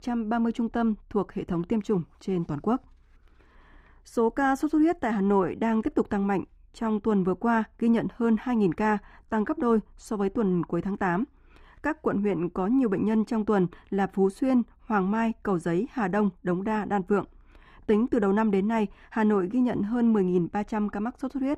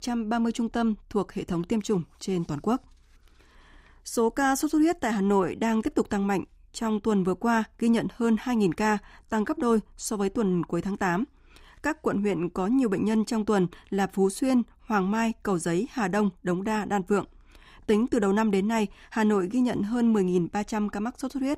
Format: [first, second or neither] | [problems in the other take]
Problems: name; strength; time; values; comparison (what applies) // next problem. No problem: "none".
second | muffled; slightly; fading above 3 kHz